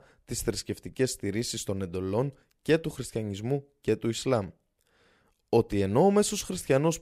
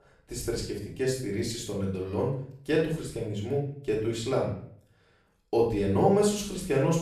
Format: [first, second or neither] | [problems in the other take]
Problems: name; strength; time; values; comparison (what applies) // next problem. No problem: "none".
first | room echo; noticeable; dies away in 0.5 s // off-mic speech; far